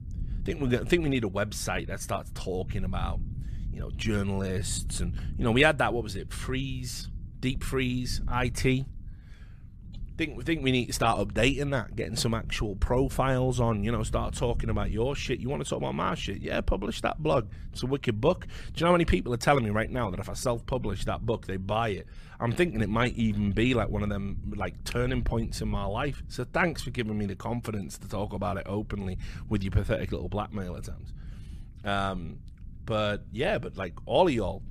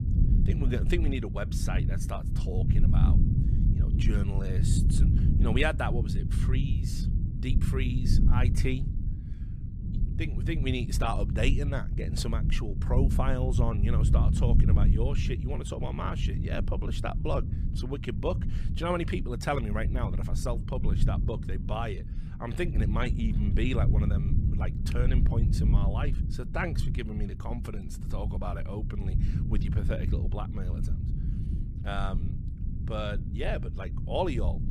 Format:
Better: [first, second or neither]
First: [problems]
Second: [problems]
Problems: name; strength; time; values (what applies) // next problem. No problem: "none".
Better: first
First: low rumble; faint; throughout; 25 dB below the speech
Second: low rumble; loud; throughout; 7 dB below the speech